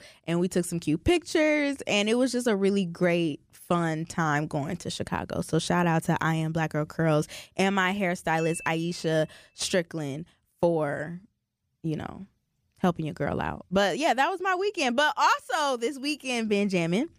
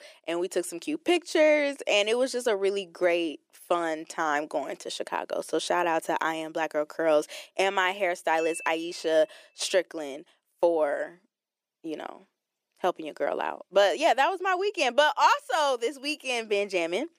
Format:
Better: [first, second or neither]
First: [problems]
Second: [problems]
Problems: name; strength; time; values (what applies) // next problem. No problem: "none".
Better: first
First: none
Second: thin; very; fading below 350 Hz